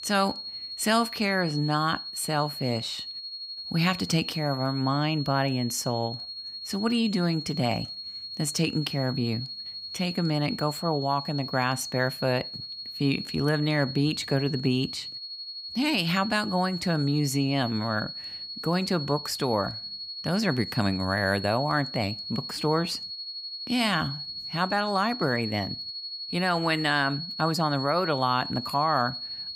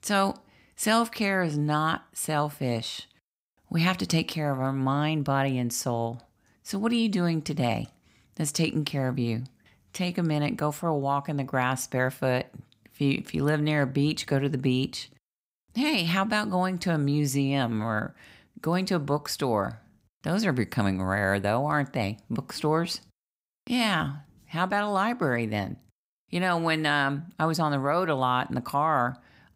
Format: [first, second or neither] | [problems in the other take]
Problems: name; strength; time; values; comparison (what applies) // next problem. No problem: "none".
second | high-pitched whine; loud; throughout; 4.5 kHz, 7 dB below the speech